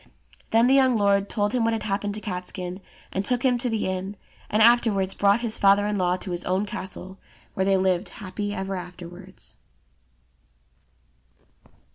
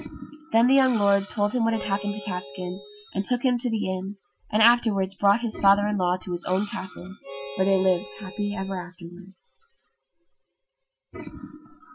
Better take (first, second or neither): first